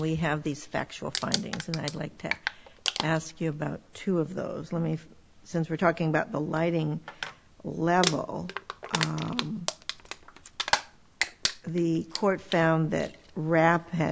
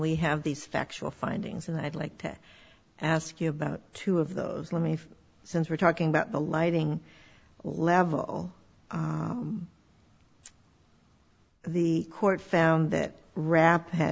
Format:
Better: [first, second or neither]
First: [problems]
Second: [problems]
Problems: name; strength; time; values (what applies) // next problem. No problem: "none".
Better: second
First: background sound (Crumpling, crinkling); 8 dB below the speech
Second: none